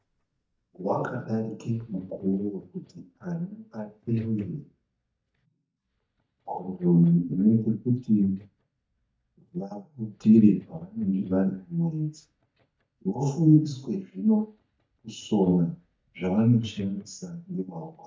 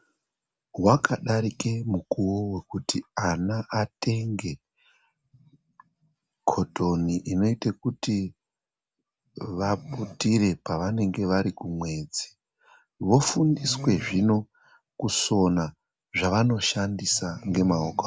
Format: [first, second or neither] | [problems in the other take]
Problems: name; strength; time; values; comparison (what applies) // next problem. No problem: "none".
second | noise reduction (neural mask model DeepFilterNet 3)